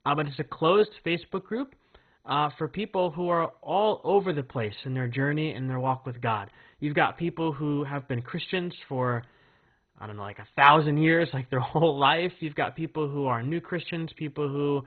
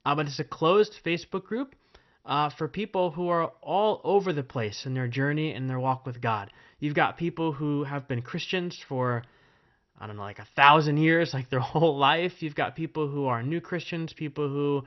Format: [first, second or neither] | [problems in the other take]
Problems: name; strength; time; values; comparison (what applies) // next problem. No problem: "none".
second | garbled, watery; badly; nothing above 4 kHz; slightly in the second